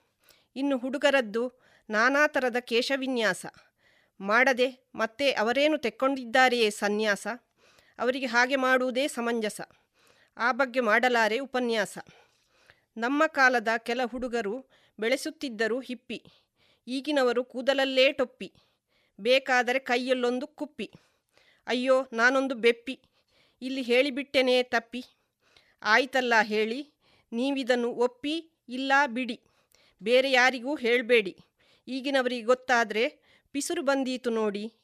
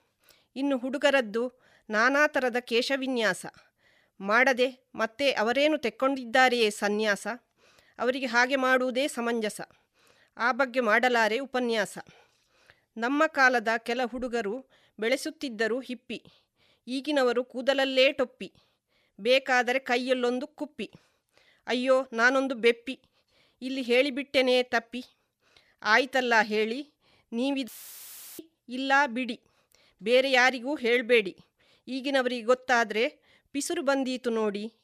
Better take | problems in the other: first | audio cutting out; filled with static; at 28 s for 0.5 s

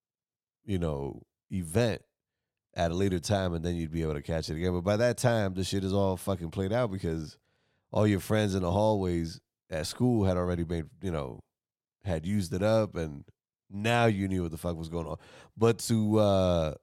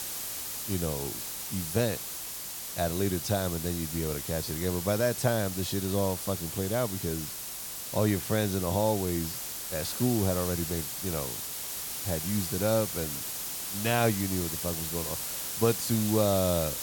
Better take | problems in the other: first | hiss; loud; throughout; 3 dB below the speech

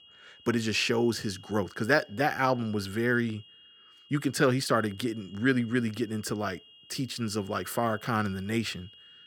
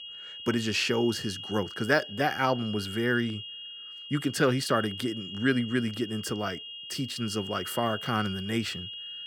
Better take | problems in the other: first | high-pitched whine; loud; throughout; 3 kHz, 9 dB below the speech; faint in the first

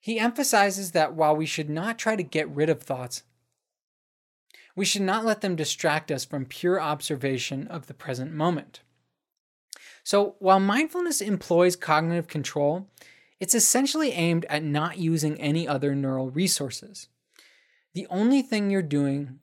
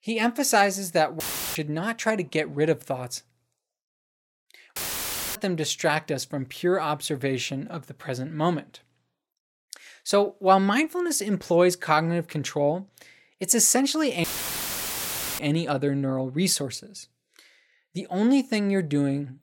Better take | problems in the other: first | audio cutting out; filled with static; at 1 s, at 5 s for 0.5 s and at 14 s for 1 s

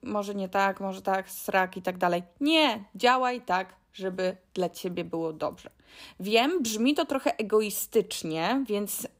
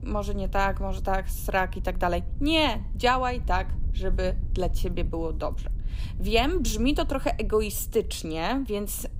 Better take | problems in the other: first | wind noise on the microphone; occasional gusts; 25 dB below the speech

